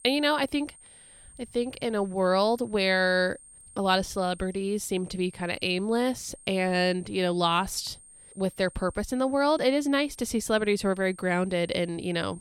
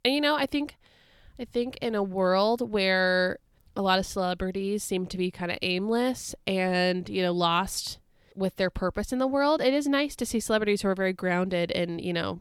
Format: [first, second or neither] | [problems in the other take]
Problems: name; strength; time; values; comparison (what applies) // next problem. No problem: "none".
second | high-pitched whine; faint; throughout; 8.5 kHz, 20 dB below the speech